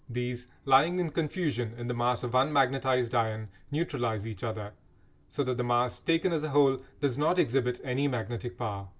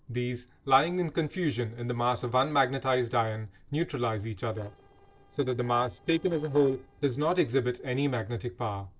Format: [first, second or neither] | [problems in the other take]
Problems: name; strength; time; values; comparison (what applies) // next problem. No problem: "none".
first | noise reduction (neural separator model SepFormer DNS4)